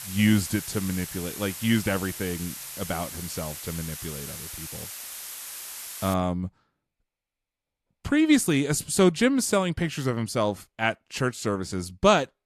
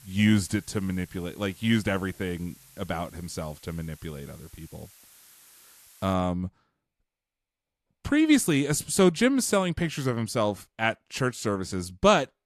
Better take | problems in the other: second | hiss; loud; until 6 s; 10 dB below the speech; faint in the second

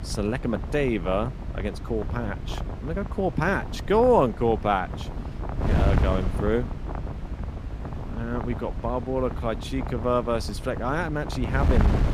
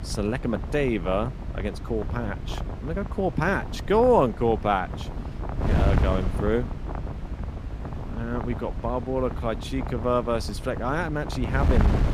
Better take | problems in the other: neither | wind noise on the microphone; occasional gusts; 10 dB below the speech; the same in both

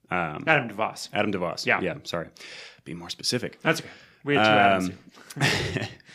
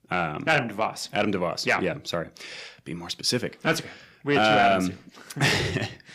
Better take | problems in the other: first | distortion; slight; 10 dB below the speech

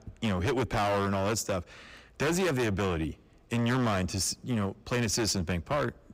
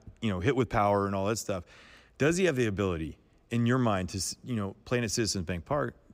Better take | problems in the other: second | distortion; heavy; 19% of the sound clipped

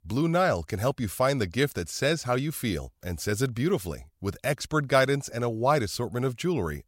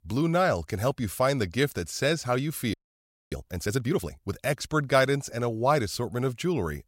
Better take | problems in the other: first | audio freezing; at 2.5 s for 0.5 s

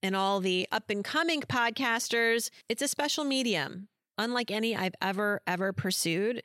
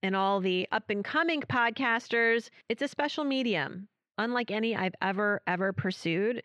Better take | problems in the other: first | muffled; slightly; fading above 2.5 kHz

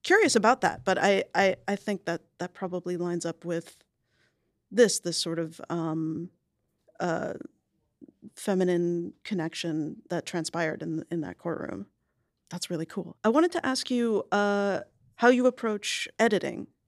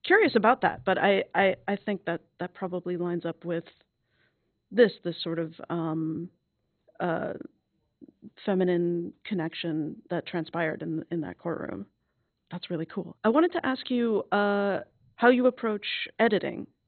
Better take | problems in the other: first | garbled, watery; badly; nothing above 4 kHz

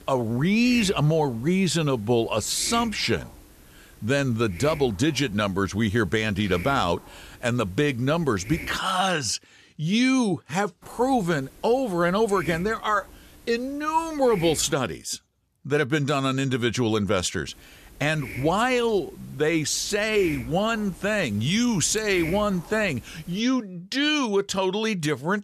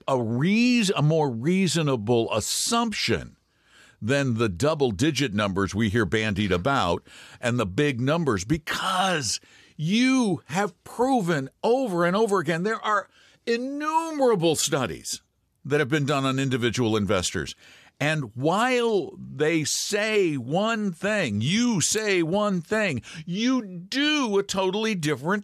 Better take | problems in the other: second | hiss; noticeable; until 9 s, from 11 to 15 s and from 18 to 23 s; 20 dB below the speech

